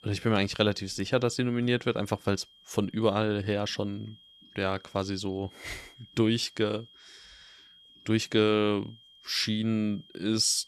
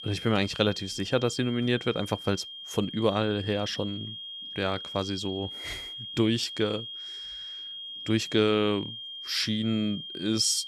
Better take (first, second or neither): first